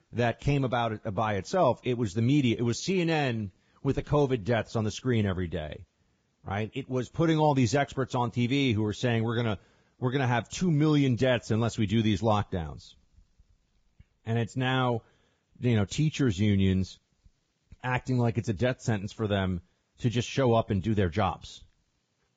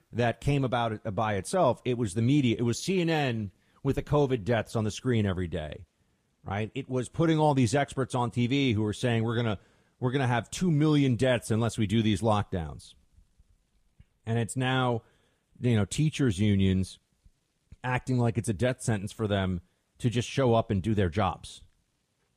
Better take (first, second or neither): second